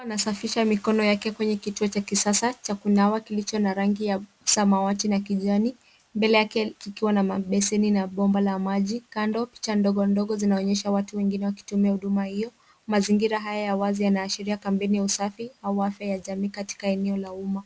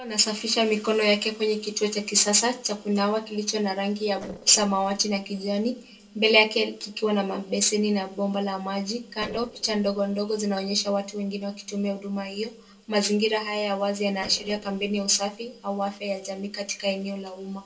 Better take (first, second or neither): first